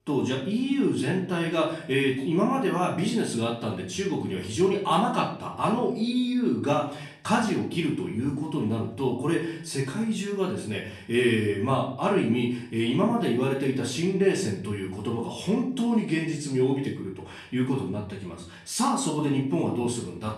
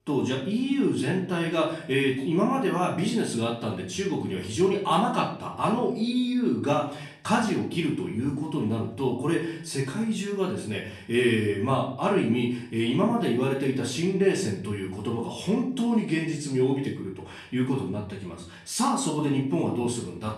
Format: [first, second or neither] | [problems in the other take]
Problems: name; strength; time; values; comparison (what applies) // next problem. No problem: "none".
neither | off-mic speech; far; the same in both // room echo; slight; dies away in 0.5 s; the same in both